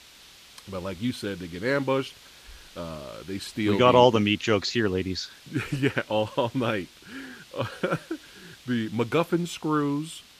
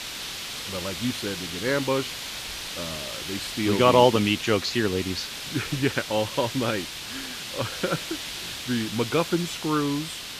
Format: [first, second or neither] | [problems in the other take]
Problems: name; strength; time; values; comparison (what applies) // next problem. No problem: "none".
first | hiss; loud; throughout; 7 dB below the speech; faint in the first